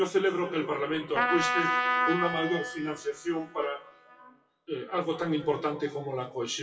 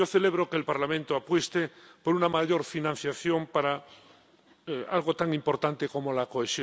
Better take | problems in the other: second | noise reduction (classical method WPE with log-MMSE)

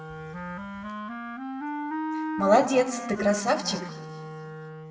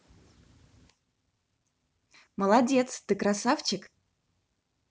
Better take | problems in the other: second | background sound (Wind instrument, woodwind instrument); 6 dB below the speech // room echo; dies away in 1.8 s

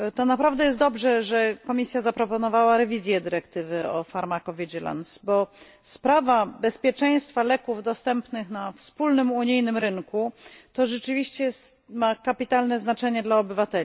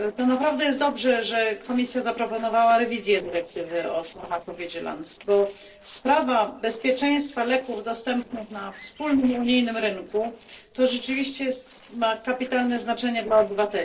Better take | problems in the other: first | noise reduction (neural separator model SepFormer DNS4)

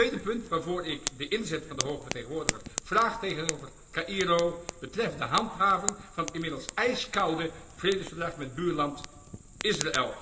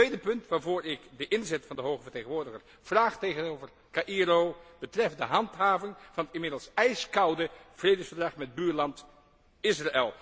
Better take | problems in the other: second | background sound (Fire); 9 dB below the speech // room echo; dies away in 1.4 s

